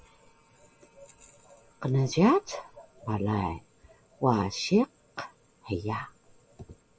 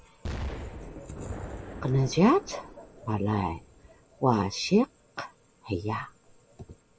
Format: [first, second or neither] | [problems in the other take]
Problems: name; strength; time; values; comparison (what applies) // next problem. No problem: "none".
first | background sound (Explosion); 13 dB below the speech